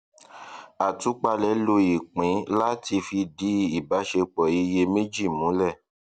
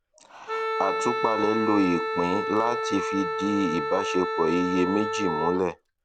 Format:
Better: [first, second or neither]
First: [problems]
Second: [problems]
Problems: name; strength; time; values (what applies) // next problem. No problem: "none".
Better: first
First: none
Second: background sound (Wind instrument, woodwind instrument); 2 dB below the speech